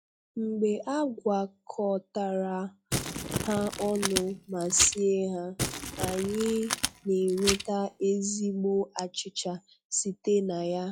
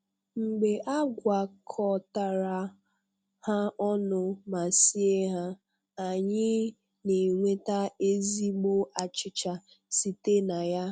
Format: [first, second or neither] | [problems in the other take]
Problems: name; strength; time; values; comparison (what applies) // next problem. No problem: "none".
second | noise reduction (classical method log-MMSE)